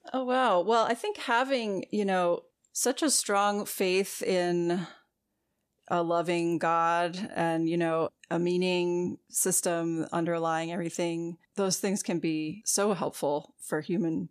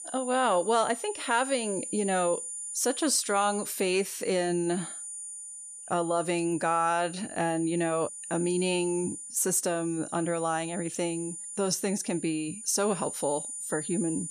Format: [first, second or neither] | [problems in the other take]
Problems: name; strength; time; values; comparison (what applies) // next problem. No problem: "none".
first | high-pitched whine; loud; throughout; 9 kHz, 8 dB below the speech